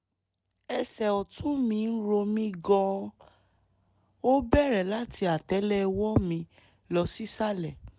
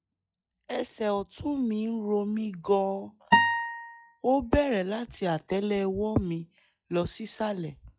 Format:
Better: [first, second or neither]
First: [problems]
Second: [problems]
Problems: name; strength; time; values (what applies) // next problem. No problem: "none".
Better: first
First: none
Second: noise reduction (classical method log-MMSE)